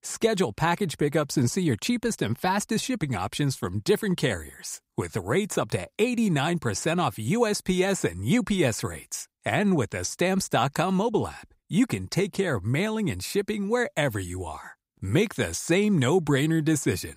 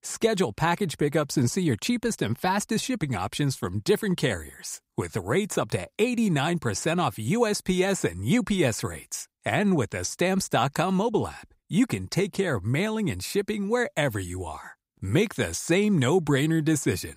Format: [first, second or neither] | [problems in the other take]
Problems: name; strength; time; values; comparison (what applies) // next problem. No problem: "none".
neither | none